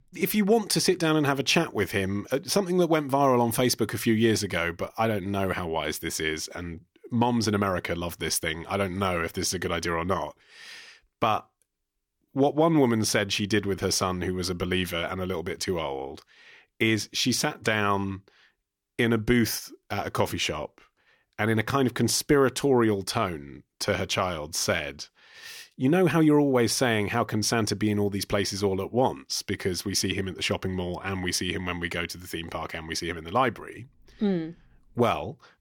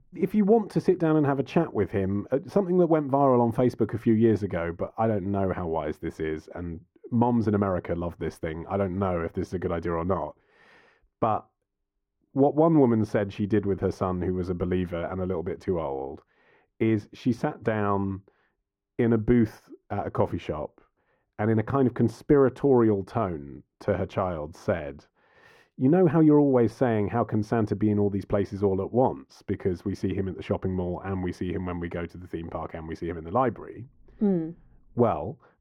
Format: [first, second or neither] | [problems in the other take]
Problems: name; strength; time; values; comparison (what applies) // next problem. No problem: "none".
first | muffled; very; fading above 2 kHz